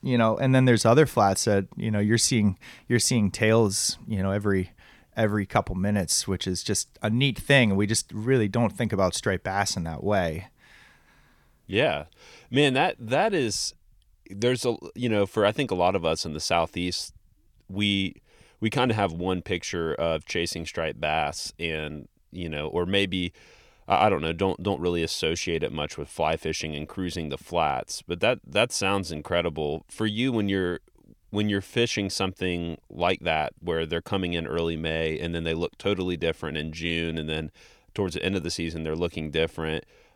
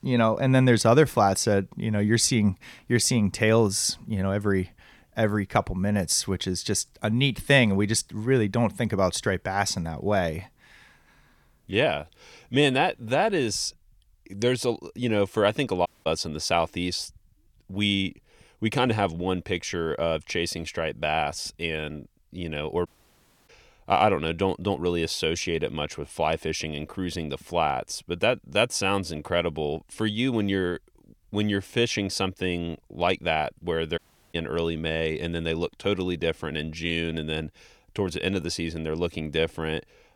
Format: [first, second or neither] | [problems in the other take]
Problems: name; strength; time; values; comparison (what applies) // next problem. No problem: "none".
first | audio cutting out; at 16 s, at 23 s for 0.5 s and at 34 s